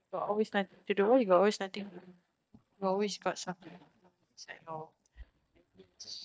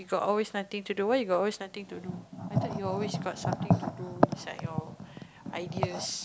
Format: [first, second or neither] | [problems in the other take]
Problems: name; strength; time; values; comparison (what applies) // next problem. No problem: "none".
second | noise reduction (neural mask model DeepFilterNet 3)